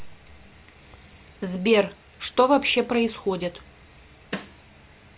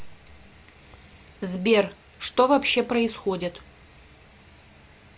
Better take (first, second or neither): second